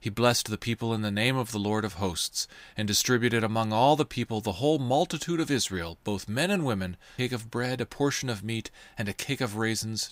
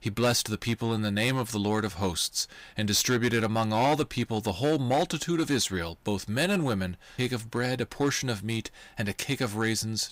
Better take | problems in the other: first | distortion; slight; 4% of the sound clipped

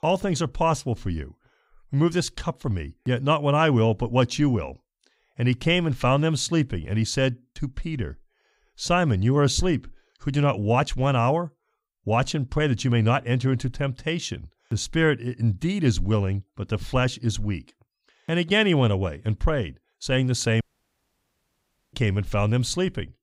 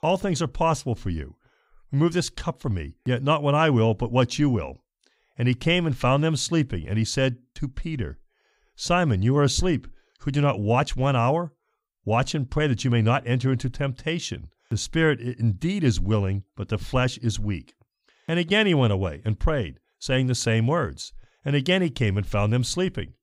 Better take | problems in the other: second | audio cutting out; at 21 s for 1.5 s

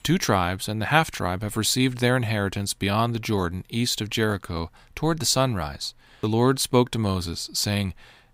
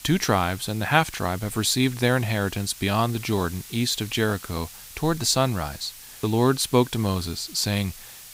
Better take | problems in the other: first | hiss; noticeable; throughout; 15 dB below the speech

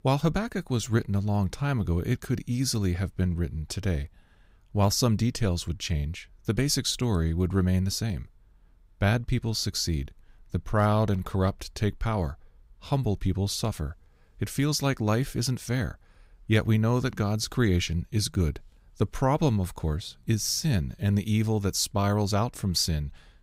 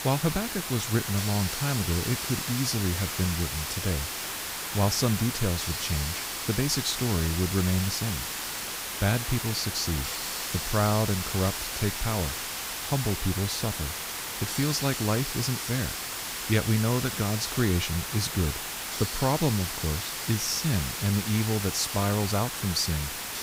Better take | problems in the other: first | hiss; loud; throughout; 2 dB below the speech

